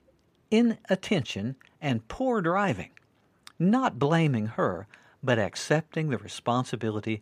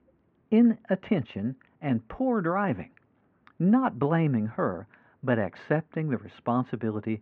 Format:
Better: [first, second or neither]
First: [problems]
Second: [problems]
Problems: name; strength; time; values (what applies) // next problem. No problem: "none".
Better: first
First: none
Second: muffled; very; fading above 2 kHz